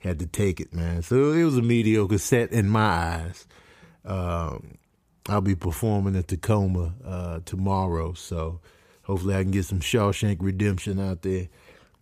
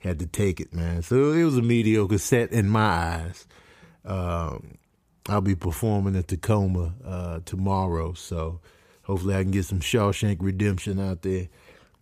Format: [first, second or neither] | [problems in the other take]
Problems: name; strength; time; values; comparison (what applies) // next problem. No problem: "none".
neither | none